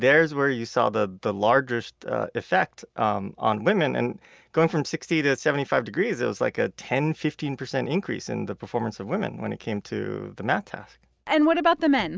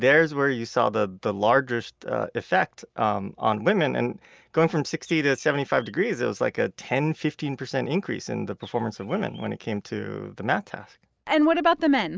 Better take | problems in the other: first | noise reduction (neural mask model Resemble Enhance denoiser)

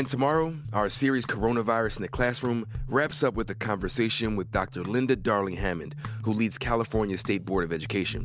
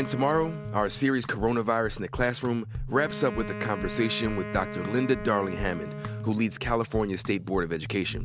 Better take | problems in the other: first | background sound (Wind instrument, woodwind instrument); 12 dB below the speech

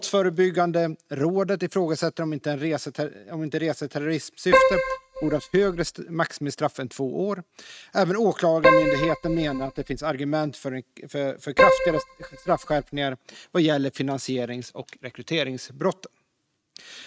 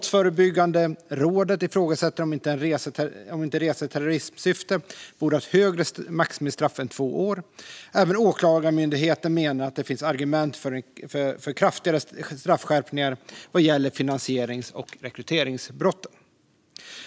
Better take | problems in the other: second | noise reduction (neural mask model RNNoise)

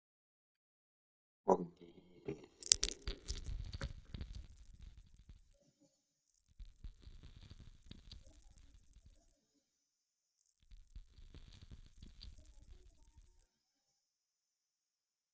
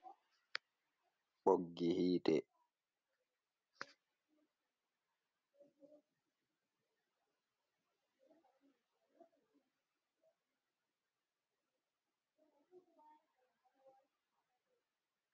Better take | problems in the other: second | noise reduction (neural mask model DeepFilterNet 3)

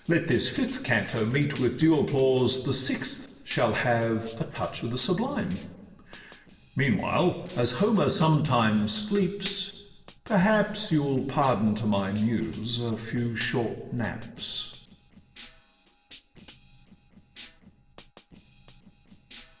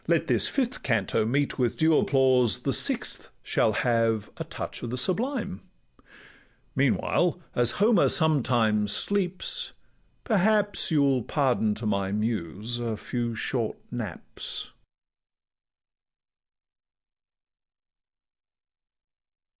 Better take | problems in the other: second | noise reduction (neural separator model SepFormer DNS4)

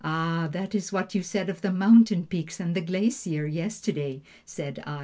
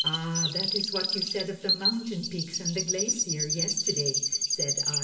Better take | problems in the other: first | background sound (Chirp, tweet); 4 dB above the speech // room echo; dies away in 2.1 s

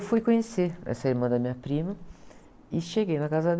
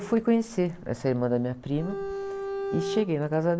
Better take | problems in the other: first | background sound (Bowed string instrument); 6 dB below the speech

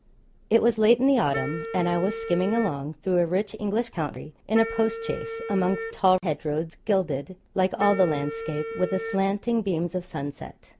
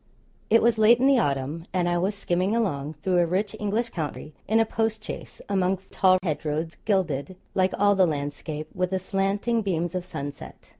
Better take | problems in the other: second | background sound (Wind instrument, woodwind instrument); 10 dB below the speech

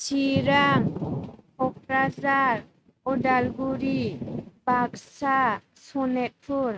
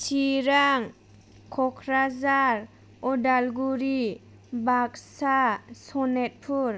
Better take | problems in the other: second | noise reduction (neural mask model RNNoise)

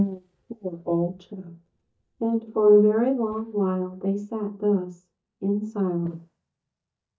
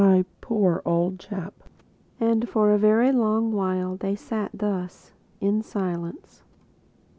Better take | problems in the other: second | noise reduction (neural mask model DeepFilterNet 3)

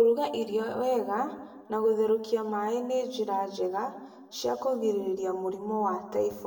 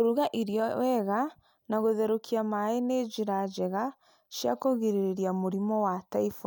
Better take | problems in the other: second | room echo; dies away in 1 s

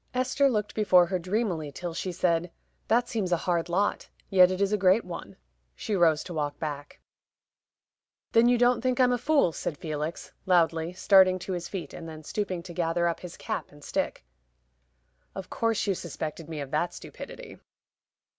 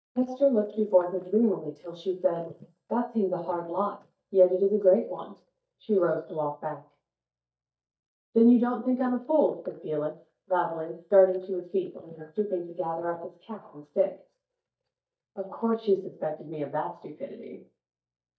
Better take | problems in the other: first | noise reduction (neural mask model DeepFilterNet 3)

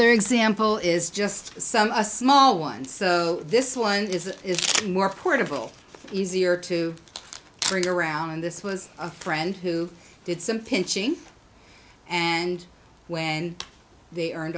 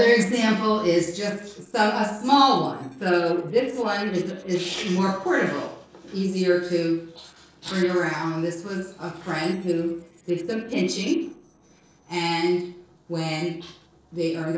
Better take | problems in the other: first | noise reduction (neural separator model SepFormer DNS4)

